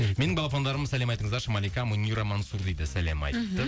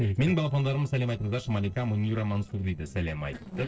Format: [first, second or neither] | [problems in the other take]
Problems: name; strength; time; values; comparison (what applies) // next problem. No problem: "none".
first | noise reduction (neural separator model SepFormer DNS4)